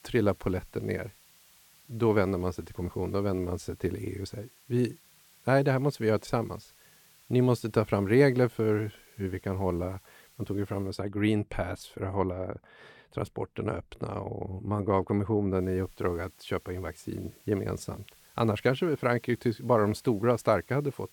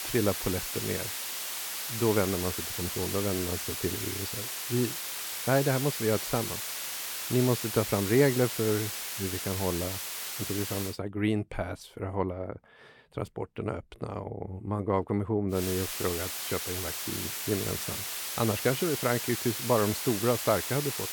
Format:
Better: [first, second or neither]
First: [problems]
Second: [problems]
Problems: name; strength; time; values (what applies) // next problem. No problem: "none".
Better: first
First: hiss; faint; until 11 s and from 16 s on; 25 dB below the speech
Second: hiss; loud; until 11 s and from 16 s on; 2 dB below the speech